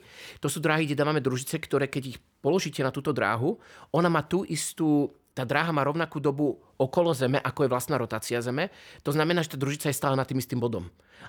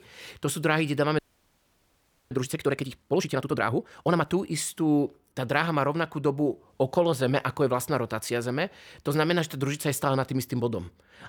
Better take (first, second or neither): first